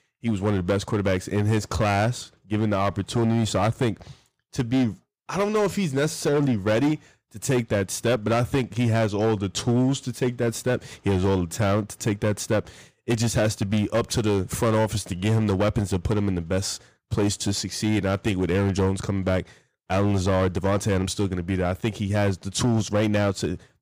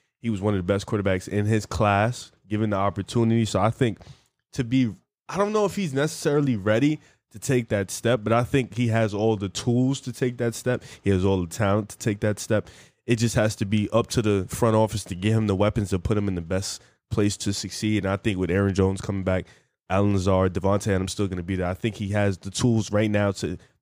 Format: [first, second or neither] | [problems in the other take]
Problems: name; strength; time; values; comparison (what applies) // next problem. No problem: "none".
second | distortion; slight; 11% of the sound clipped